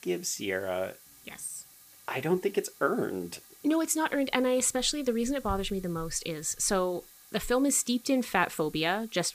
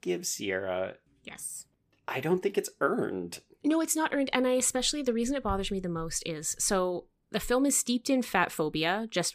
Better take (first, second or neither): second